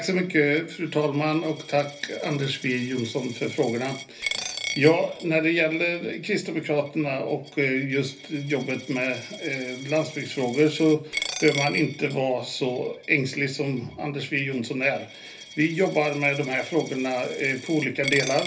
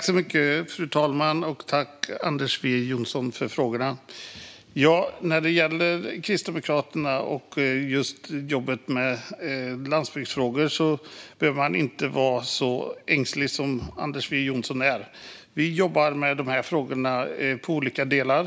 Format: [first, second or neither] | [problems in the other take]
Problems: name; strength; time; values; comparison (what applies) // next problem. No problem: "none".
second | background sound (Coin (dropping)); 13 dB below the speech // room echo; dies away in 0.3 s